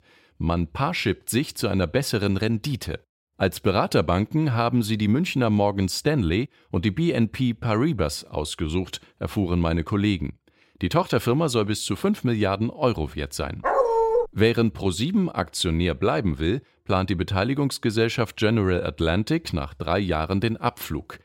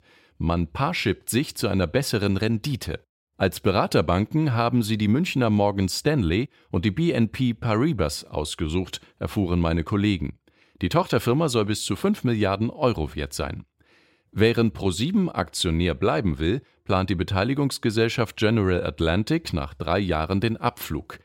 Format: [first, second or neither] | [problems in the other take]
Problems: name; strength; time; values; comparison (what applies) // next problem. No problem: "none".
second | dog barking; loud; at 14 s; peak 4 dB above the speech